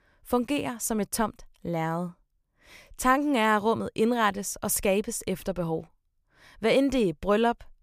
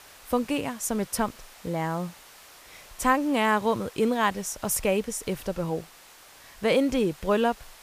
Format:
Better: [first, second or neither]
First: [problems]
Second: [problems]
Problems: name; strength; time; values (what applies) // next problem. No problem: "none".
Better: first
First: none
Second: hiss; faint; throughout; 20 dB below the speech